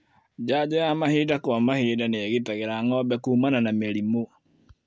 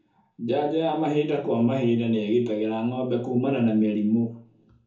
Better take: first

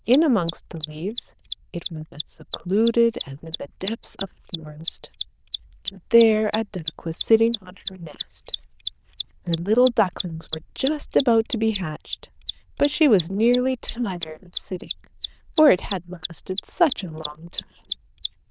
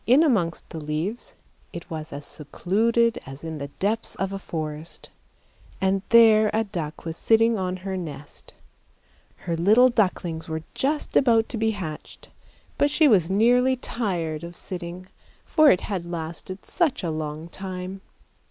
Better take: second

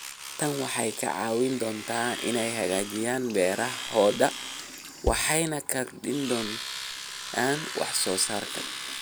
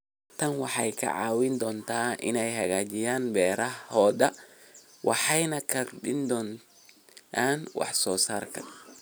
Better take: second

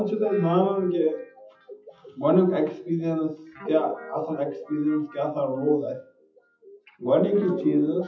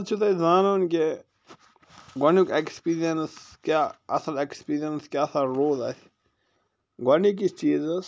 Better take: second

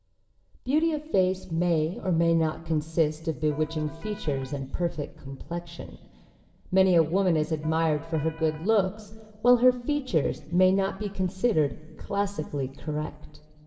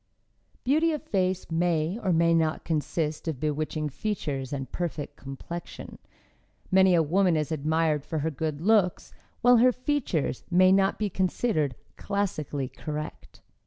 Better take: second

